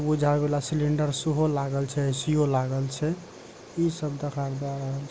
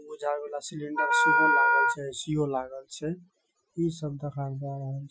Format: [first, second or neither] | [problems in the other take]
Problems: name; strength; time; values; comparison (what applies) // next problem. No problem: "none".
first | noise reduction (classical method Wiener filter)